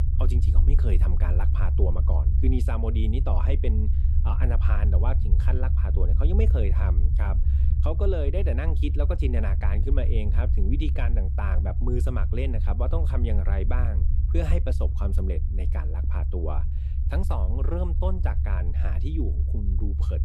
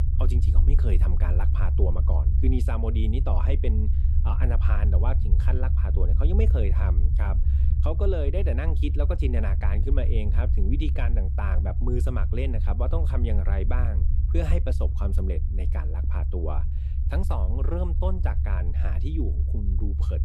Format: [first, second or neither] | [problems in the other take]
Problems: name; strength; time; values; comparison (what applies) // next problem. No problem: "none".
neither | low rumble; loud; throughout; 7 dB below the speech; the same in both